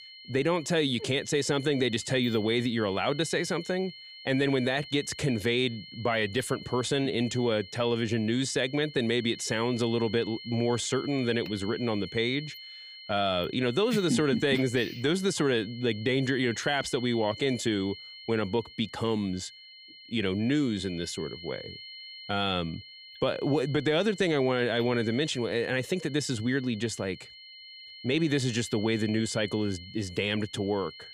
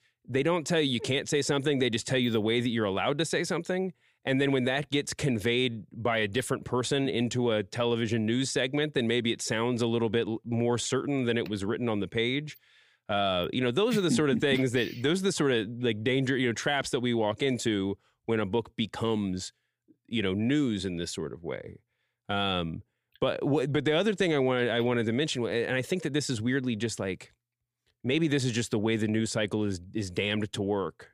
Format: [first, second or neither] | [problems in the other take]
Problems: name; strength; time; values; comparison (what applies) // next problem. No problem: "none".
second | high-pitched whine; noticeable; throughout; 4 kHz, 15 dB below the speech